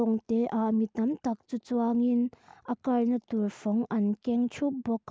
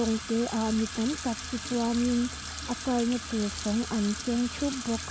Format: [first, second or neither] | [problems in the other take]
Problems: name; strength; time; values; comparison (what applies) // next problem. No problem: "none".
first | background sound (Sink (filling or washing) / Water tap, faucet); 9 dB below the speech